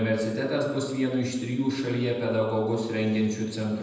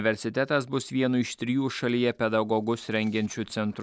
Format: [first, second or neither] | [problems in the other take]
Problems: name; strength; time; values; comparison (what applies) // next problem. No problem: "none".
second | room echo; dies away in 1 s